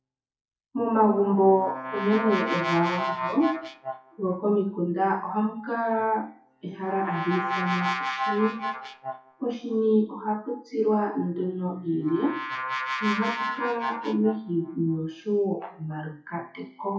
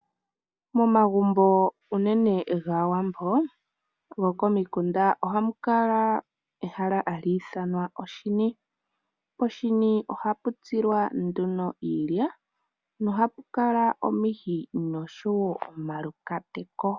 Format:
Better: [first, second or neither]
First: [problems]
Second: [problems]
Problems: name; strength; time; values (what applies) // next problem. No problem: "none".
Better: second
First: noise reduction (classical method WPE with log-MMSE)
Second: none